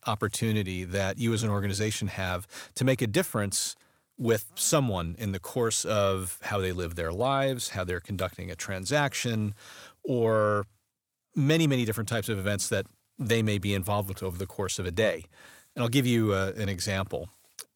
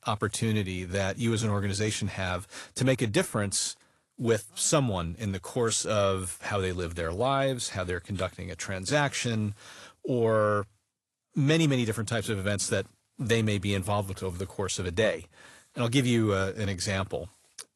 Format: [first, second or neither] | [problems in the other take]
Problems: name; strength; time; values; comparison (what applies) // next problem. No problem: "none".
first | garbled, watery; slightly; nothing above 11 kHz